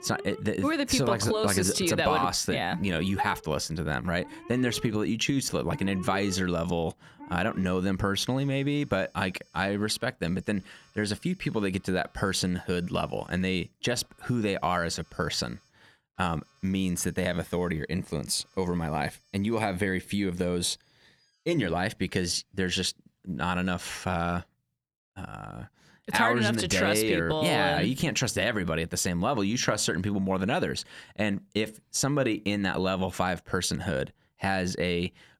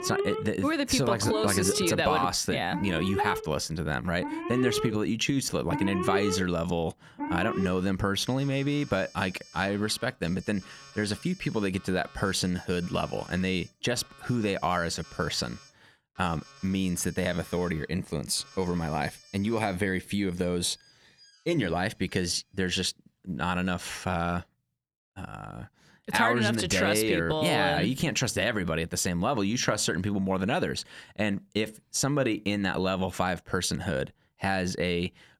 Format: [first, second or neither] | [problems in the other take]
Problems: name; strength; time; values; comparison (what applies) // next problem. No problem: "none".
first | alarms or sirens; loud; until 22 s; 9 dB below the speech; faint in the first